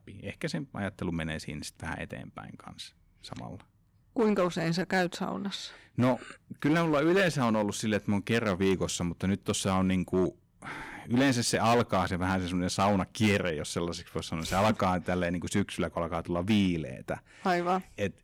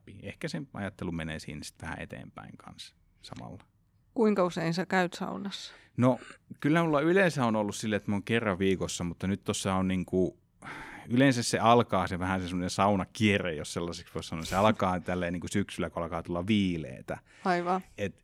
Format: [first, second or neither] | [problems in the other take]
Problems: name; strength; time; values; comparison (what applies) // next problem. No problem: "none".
second | distortion; slight; 5% of the sound clipped